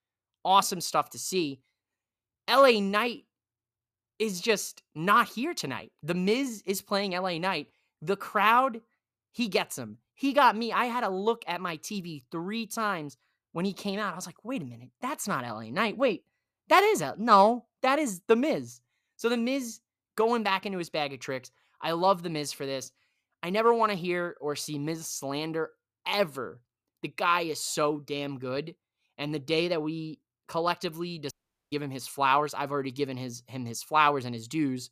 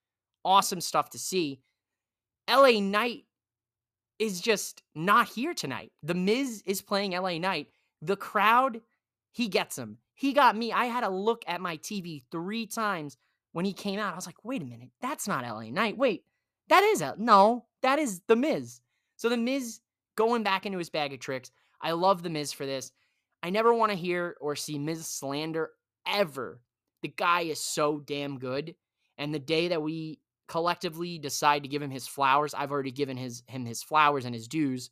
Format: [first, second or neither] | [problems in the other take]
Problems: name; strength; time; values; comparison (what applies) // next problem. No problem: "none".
second | audio cutting out; at 31 s